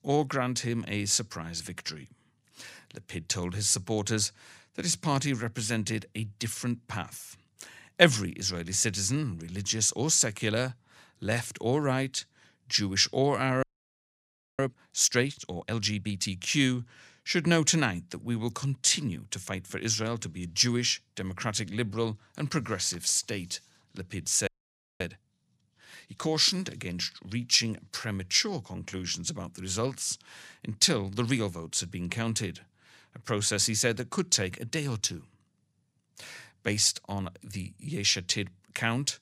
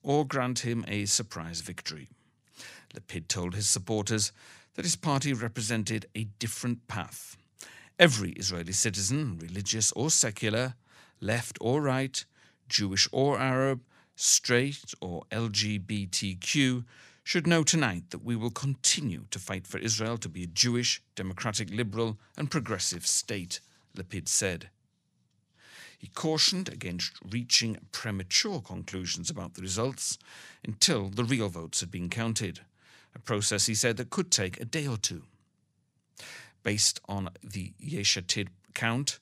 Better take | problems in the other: second | audio freezing; at 14 s for 1 s and at 24 s for 0.5 s

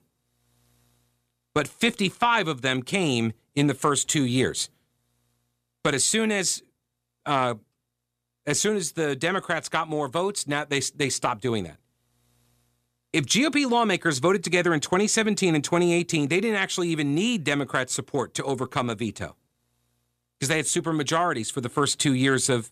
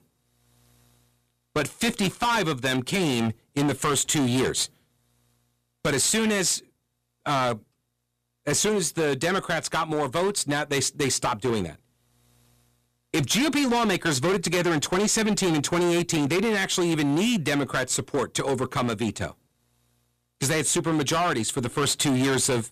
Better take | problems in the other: first | distortion; heavy; 17% of the sound clipped

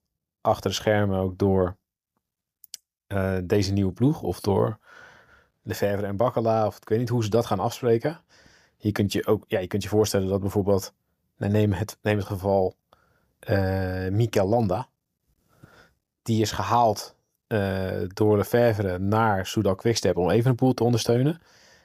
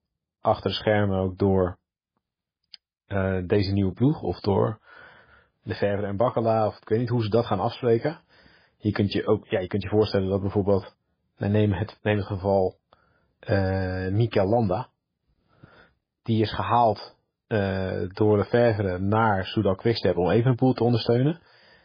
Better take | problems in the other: first | garbled, watery; badly; nothing above 5 kHz

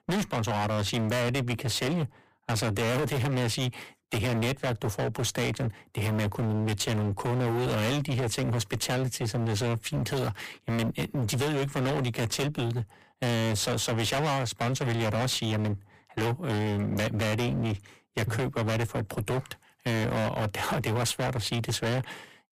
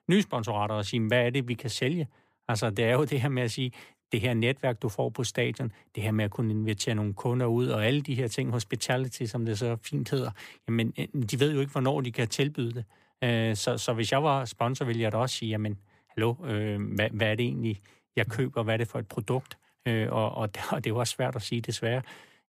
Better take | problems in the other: second | distortion; heavy; 33% of the sound clipped

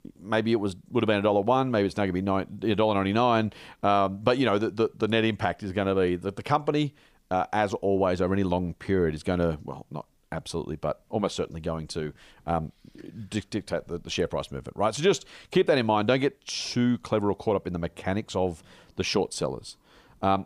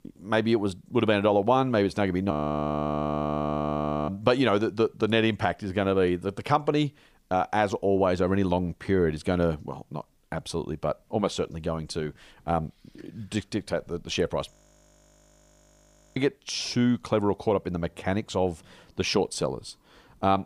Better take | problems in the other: first | audio freezing; at 2.5 s for 2 s and at 15 s for 1.5 s

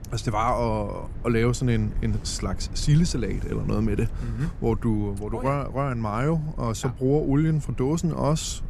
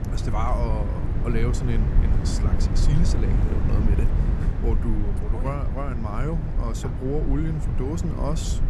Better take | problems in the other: first | low rumble; loud; throughout; 4 dB below the speech; faint in the first

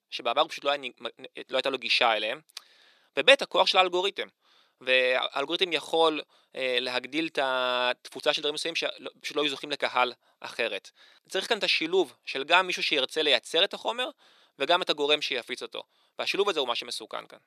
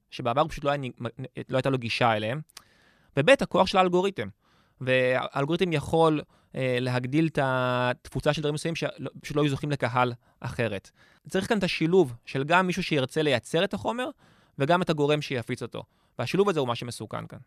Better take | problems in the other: second | thin; somewhat; fading below 350 Hz

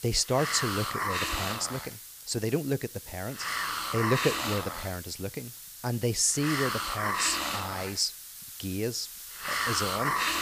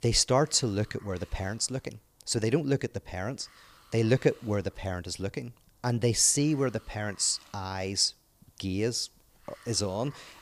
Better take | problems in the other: second | hiss; loud; throughout; 1 dB below the speech; faint in the second

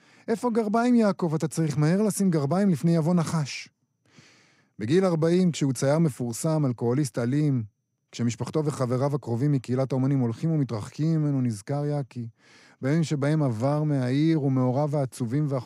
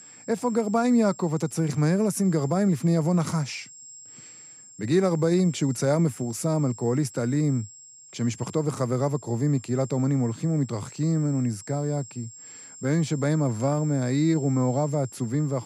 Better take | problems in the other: first | high-pitched whine; noticeable; throughout; 7.5 kHz, 20 dB below the speech

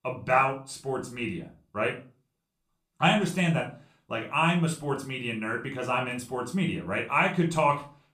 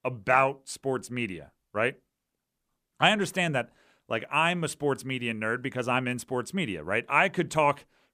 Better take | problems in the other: second | off-mic speech; somewhat distant // room echo; slight; dies away in 0.3 s

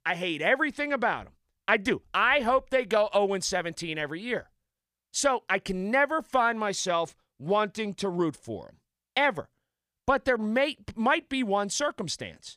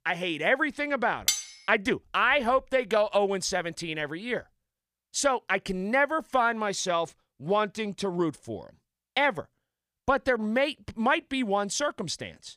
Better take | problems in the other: first | clattering dishes; loud; at 1.5 s; peak level with the speech

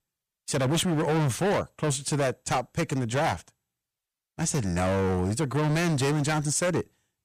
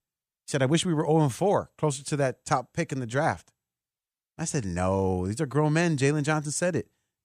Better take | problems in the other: second | distortion; heavy; 21% of the sound clipped

